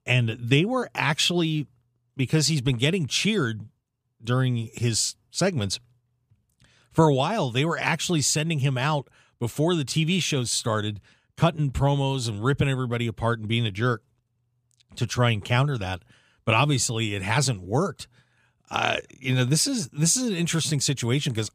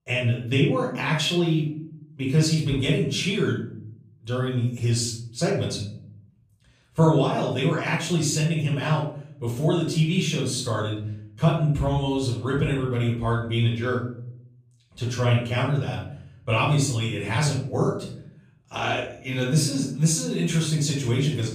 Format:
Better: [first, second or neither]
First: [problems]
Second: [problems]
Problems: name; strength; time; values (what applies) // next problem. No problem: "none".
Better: first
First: none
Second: room echo; noticeable; dies away in 0.6 s // off-mic speech; far